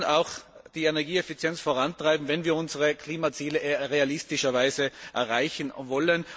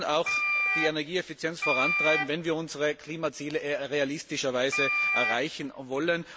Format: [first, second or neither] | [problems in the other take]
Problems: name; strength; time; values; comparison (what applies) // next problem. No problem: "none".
first | background sound (Wind instrument, woodwind instrument); as loud as the speech